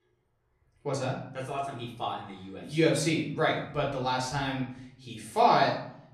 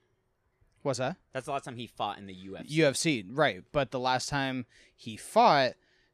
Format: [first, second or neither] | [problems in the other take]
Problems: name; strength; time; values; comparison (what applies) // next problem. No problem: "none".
second | off-mic speech; far // room echo; noticeable; dies away in 0.6 s